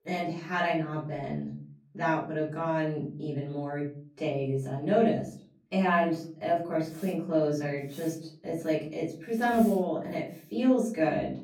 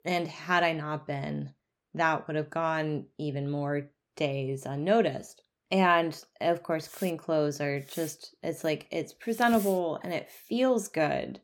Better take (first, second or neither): second